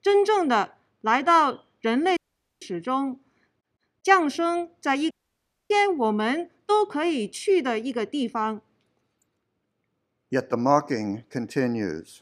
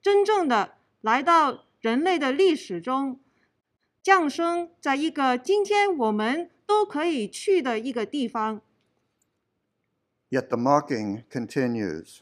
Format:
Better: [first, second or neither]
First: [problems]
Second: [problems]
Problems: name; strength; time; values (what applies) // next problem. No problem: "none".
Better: second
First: audio cutting out; at 2 s and at 5 s for 0.5 s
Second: none